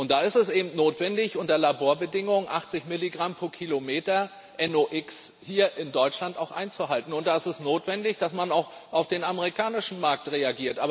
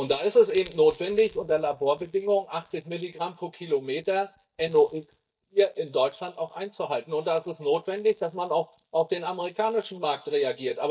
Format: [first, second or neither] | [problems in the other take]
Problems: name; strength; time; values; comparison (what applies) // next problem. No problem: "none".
first | noise reduction (neural mask model DeepFilterNet 3)